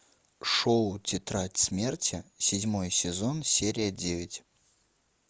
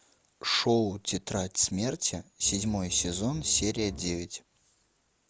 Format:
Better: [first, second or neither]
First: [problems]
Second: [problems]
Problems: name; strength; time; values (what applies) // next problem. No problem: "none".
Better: first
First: none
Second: background sound (Bowed string instrument); 14 dB below the speech